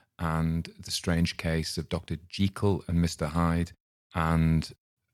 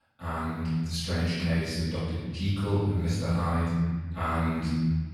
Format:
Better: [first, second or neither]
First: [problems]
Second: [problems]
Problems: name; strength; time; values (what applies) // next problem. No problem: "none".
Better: first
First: none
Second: room echo; strong; dies away in 1.7 s // off-mic speech; far